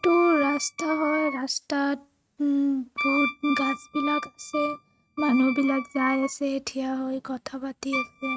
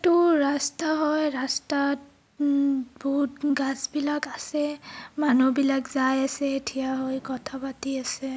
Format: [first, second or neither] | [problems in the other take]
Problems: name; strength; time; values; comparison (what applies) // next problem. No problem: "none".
second | noise reduction (neural mask model RNNoise)